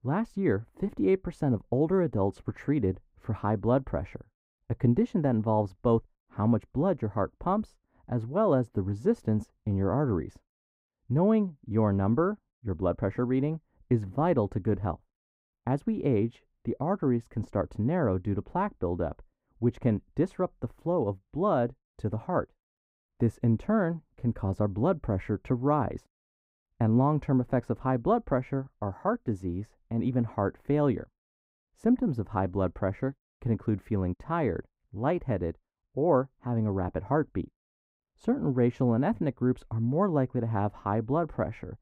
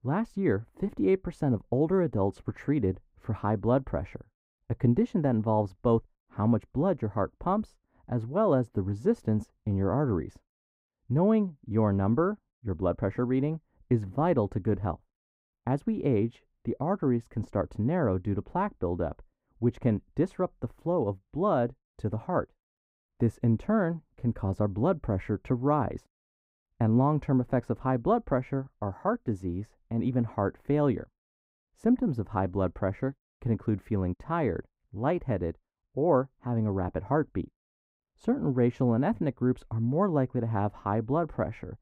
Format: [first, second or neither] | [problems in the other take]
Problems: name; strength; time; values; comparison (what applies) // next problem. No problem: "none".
neither | muffled; very; fading above 2.5 kHz; the same in both